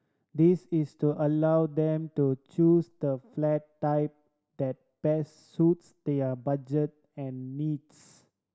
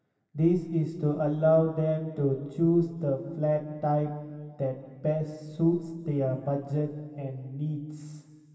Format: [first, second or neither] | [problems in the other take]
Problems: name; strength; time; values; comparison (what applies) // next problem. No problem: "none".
first | room echo; dies away in 2.5 s